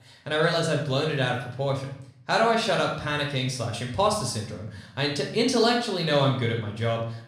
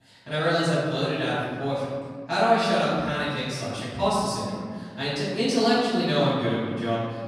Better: first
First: room echo; slight; dies away in 0.6 s // off-mic speech; somewhat distant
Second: room echo; strong; dies away in 1.7 s // off-mic speech; far

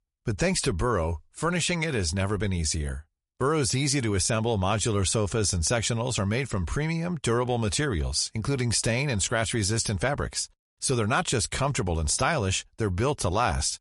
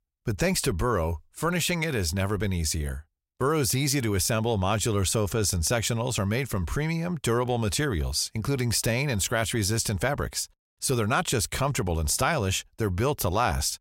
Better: second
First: garbled, watery; slightly; nothing above 11 kHz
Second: none

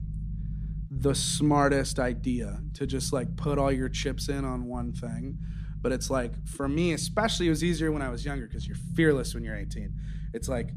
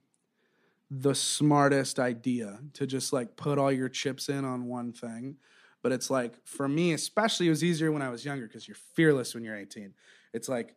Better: second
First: low rumble; noticeable; throughout; 20 dB below the speech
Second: none

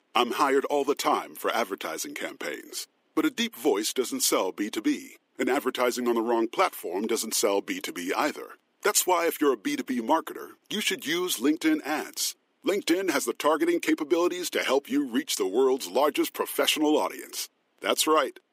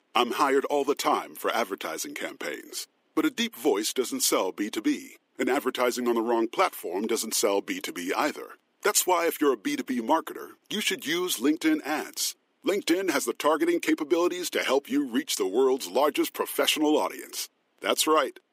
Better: neither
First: thin; somewhat; fading below 300 Hz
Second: thin; somewhat; fading below 300 Hz

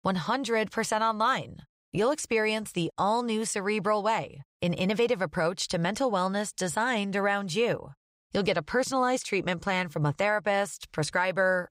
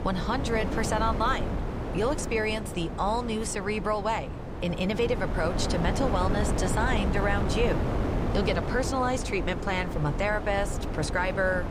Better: first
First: none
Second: wind noise on the microphone; heavy; 7 dB below the speech

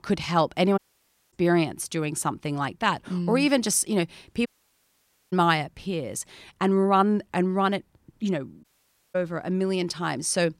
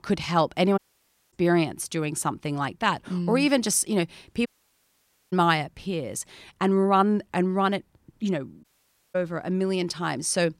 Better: neither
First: audio cutting out; at 1 s for 0.5 s, at 4.5 s for 1 s and at 8.5 s for 0.5 s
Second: audio cutting out; at 1 s for 0.5 s, at 4.5 s for 1 s and at 8.5 s for 0.5 s

